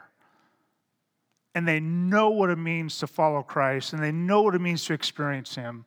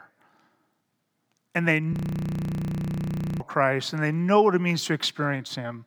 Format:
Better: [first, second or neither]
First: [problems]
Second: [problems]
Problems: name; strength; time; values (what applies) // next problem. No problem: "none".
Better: first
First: none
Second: audio freezing; at 2 s for 1.5 s